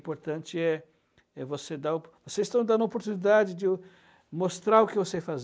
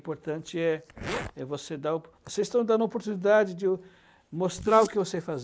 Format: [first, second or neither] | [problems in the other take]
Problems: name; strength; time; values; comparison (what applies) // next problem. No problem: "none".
first | noise reduction (neural mask model Resemble Enhance denoiser)